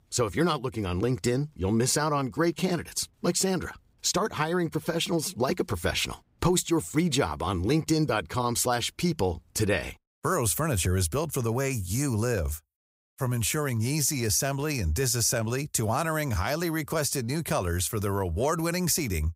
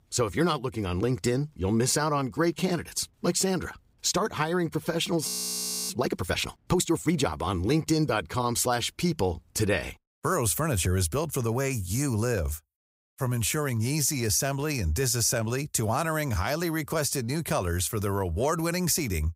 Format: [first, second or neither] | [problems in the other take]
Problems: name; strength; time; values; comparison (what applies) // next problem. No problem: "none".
first | audio freezing; at 5.5 s for 0.5 s